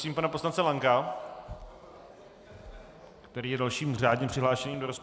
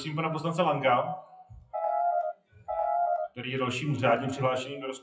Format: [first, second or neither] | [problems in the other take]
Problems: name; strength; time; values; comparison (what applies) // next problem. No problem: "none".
first | noise reduction (classical method WPE with log-MMSE)